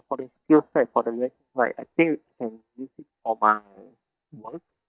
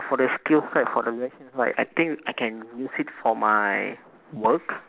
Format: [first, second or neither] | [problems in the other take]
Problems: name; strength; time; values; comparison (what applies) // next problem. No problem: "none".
second | noise reduction (neural mask model DeepFilterNet 3)